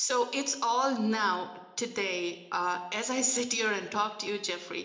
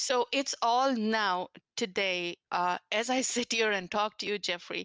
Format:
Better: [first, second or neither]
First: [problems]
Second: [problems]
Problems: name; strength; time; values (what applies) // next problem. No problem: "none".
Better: second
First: room echo; dies away in 0.8 s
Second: none